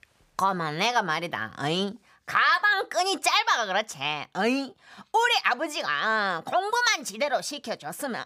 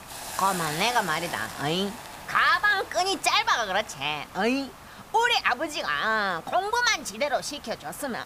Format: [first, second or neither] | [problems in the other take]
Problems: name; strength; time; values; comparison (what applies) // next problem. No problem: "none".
first | hiss; noticeable; throughout; 15 dB below the speech